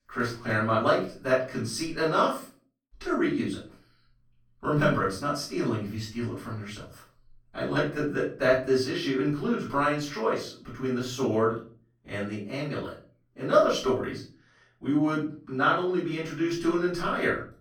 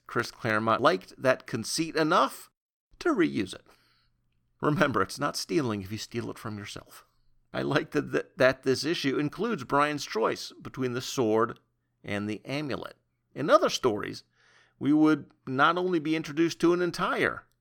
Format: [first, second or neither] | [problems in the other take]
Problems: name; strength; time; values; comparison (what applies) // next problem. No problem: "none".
second | off-mic speech; far // room echo; noticeable; dies away in 0.4 s